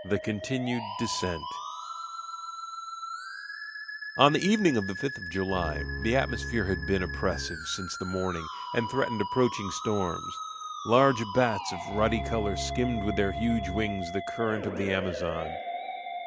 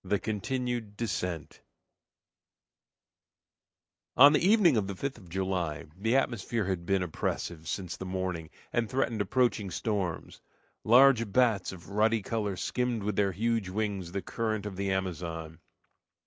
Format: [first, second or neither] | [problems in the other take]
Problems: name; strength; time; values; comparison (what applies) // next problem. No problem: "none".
second | background sound (Bowed string instrument + Musical instrument); 6 dB below the speech